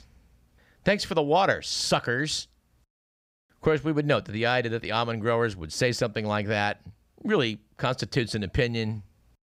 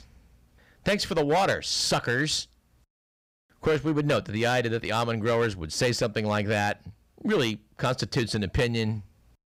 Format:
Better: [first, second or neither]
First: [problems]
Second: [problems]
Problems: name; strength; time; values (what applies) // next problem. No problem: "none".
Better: first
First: none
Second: distortion; slight; 6% of the sound clipped